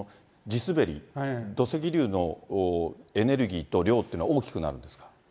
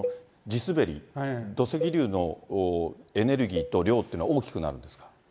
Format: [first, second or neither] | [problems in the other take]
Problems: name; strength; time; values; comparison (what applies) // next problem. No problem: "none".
first | background sound (Cowbell); 11 dB below the speech